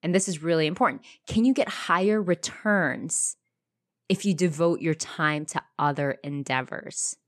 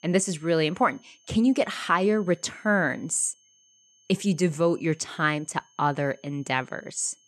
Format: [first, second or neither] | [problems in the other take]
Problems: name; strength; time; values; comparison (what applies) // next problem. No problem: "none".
first | high-pitched whine; faint; throughout; 6.5 kHz, 35 dB below the speech